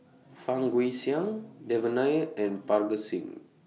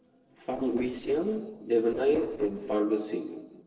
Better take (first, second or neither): first